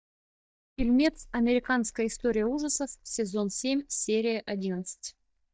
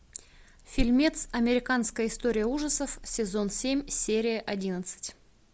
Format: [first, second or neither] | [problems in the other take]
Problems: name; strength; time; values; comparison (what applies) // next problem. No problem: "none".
second | noise reduction (neural mask model DeepFilterNet 3)